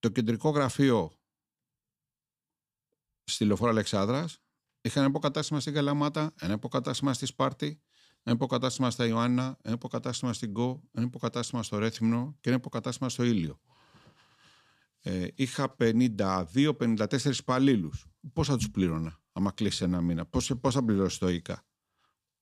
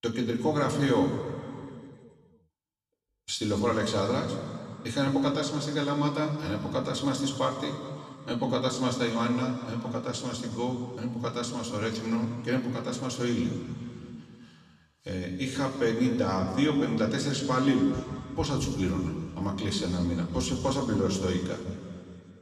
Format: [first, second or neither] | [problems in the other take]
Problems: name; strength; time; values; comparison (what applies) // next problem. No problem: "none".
first | room echo; noticeable; dies away in 2.2 s // off-mic speech; somewhat distant